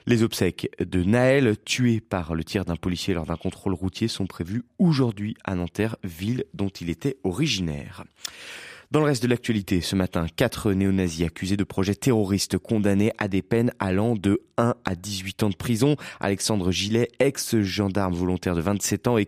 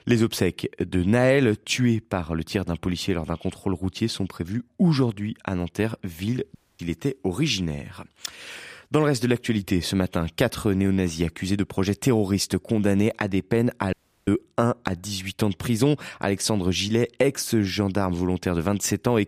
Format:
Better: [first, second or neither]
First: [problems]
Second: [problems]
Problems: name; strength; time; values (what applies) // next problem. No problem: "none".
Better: first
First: none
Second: audio cutting out; at 6.5 s and at 14 s